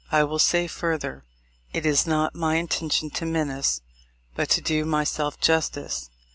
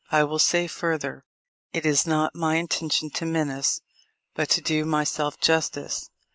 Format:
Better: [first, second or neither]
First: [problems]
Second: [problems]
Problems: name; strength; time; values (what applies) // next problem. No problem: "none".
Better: first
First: none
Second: noise reduction (neural mask model Resemble Enhance denoiser)